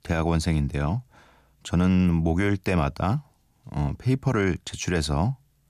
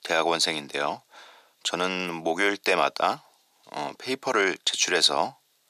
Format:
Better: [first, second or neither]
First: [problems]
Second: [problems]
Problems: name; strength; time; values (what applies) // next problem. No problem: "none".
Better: first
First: none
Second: thin; very; fading below 450 Hz